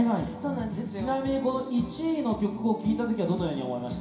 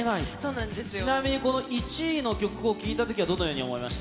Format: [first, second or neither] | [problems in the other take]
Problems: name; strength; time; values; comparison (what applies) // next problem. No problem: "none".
second | room echo; dies away in 0.5 s